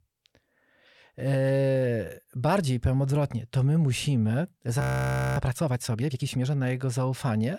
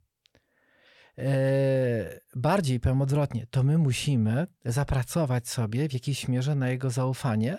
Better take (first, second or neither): second